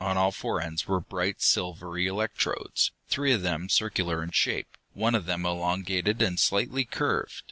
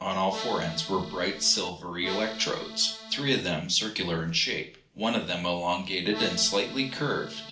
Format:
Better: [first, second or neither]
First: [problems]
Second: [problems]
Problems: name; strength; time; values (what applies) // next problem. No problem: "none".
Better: first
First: none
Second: background sound (Accordion); 10 dB below the speech // room echo; dies away in 0.4 s